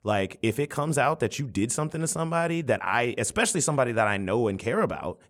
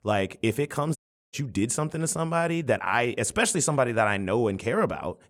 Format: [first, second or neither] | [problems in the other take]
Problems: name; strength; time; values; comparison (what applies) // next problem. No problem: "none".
first | audio cutting out; at 1 s